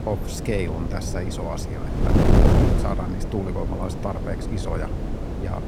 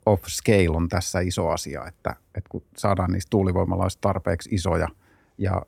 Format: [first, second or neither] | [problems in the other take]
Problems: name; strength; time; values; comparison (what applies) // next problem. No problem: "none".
second | wind noise on the microphone; heavy; 2 dB above the speech